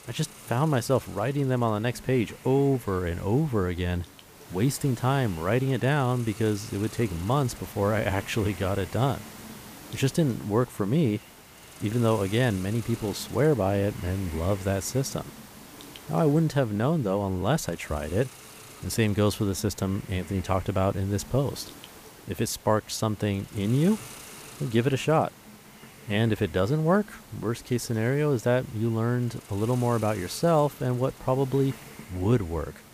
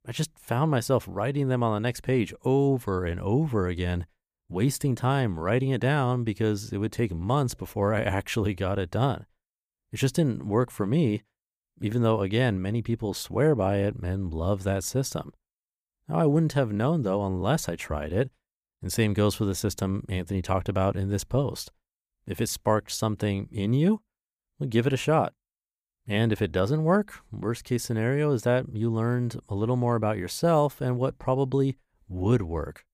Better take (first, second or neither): second